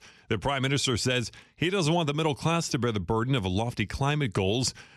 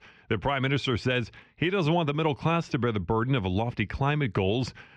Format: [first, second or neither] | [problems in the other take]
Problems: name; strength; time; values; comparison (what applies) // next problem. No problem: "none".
first | muffled; slightly; fading above 2.5 kHz